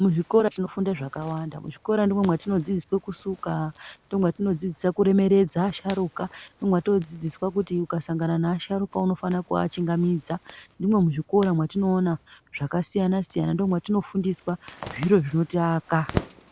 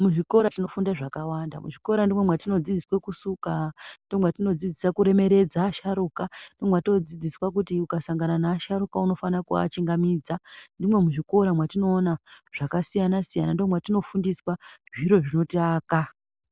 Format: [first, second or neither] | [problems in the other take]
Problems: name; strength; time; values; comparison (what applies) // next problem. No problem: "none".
second | background sound (Zipper (clothing)); 19 dB below the speech